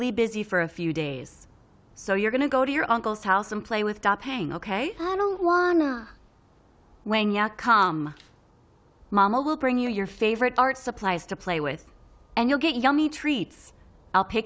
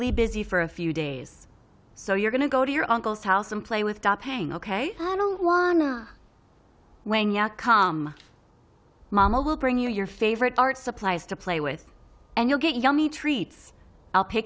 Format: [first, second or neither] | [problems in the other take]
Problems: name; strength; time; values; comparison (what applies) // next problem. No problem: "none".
first | background sound (Bass drum); 17 dB below the speech